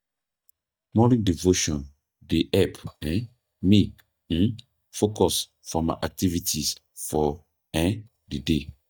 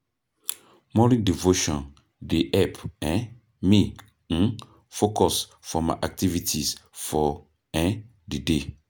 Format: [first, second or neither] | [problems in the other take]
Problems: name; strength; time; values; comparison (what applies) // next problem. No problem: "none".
second | noise reduction (neural mask model DeepFilterNet 3)